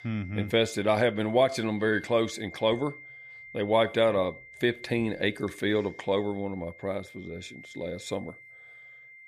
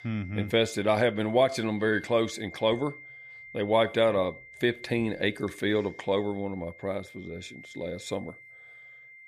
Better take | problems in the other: neither | high-pitched whine; noticeable; throughout; 2 kHz, 20 dB below the speech; the same in both

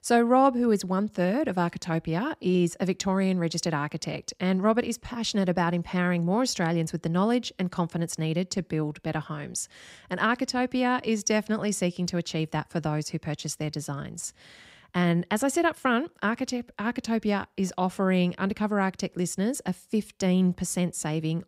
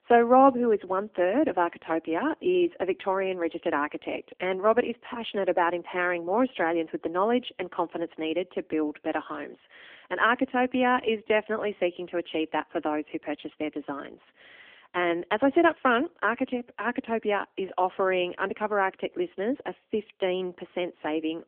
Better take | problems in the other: first | phone-call audio

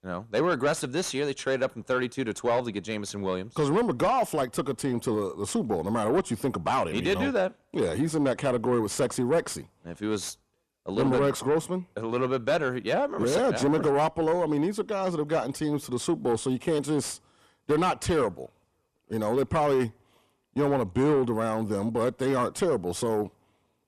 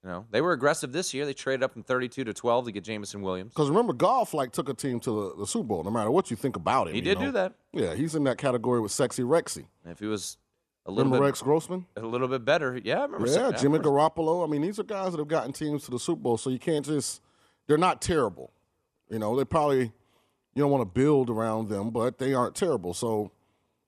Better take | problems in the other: second | distortion; slight; 10 dB below the speech

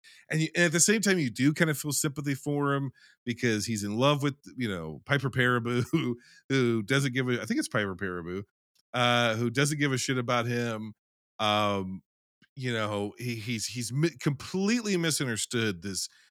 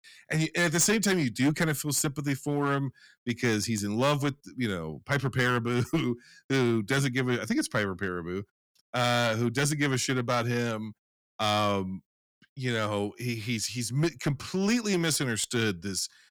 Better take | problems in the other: first | distortion; slight; 5% of the sound clipped

